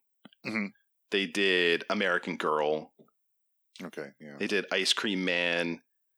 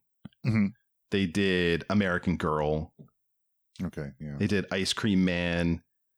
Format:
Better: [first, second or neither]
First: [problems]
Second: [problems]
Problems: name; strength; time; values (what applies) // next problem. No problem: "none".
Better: second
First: thin; somewhat; fading below 300 Hz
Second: none